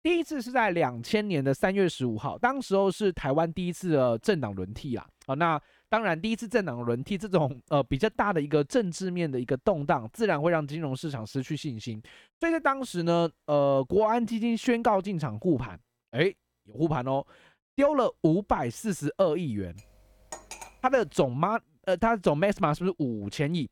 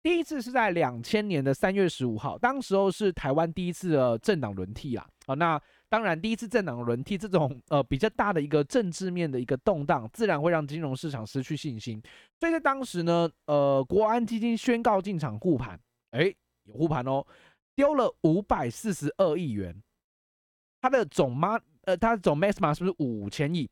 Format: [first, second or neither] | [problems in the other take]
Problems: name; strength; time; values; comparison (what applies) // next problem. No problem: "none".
second | clattering dishes; faint; at 20 s; peak 15 dB below the speech